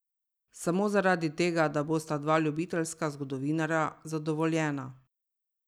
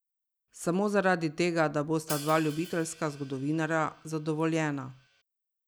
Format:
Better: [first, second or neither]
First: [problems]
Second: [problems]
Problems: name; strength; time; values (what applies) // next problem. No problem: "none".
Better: first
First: none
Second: background sound (Hi-hat); 17 dB below the speech